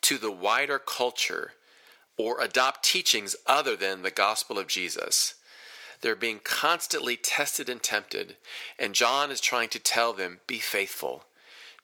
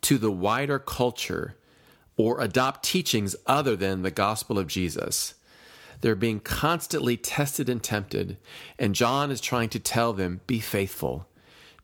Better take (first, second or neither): second